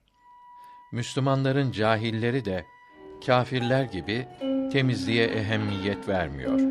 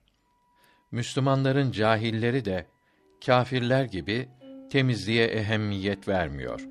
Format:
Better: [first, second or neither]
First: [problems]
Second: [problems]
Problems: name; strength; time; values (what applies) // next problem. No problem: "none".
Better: second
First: background music; loud; throughout; 7 dB below the speech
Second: background music; faint; throughout; 25 dB below the speech